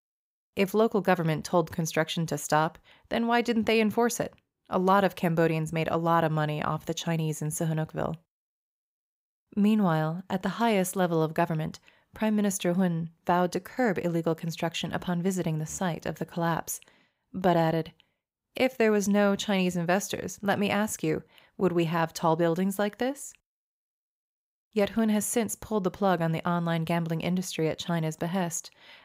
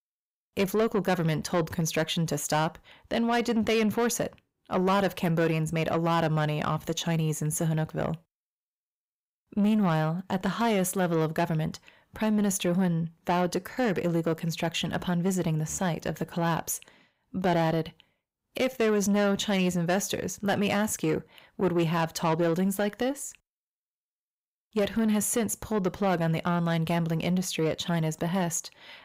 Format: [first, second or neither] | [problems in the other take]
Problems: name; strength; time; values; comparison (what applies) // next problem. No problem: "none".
first | distortion; slight; 10 dB below the speech